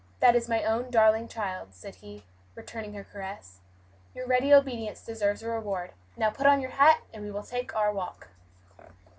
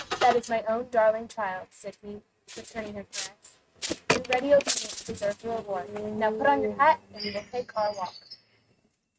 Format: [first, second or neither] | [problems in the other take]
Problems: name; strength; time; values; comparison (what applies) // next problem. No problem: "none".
first | noise reduction (neural mask model RNNoise)